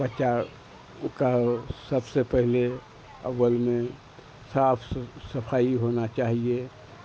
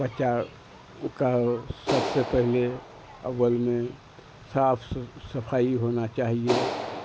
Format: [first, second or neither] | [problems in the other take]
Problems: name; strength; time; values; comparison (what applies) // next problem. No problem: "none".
first | background sound (Clapping); 9 dB below the speech